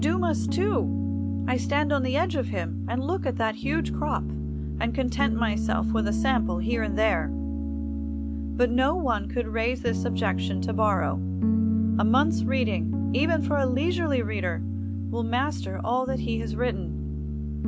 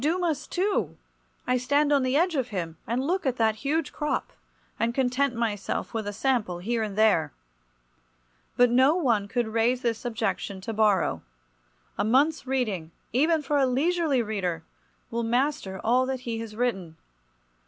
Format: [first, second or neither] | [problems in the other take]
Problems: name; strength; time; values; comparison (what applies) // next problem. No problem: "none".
second | background sound (Piano); 1 dB above the speech